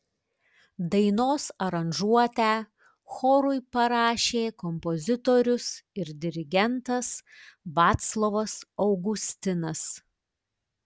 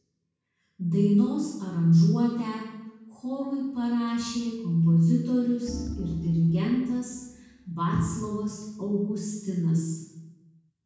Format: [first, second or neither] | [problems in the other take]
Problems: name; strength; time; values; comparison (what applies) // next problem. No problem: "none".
first | background sound (Organ); 13 dB below the speech // room echo; dies away in 1.1 s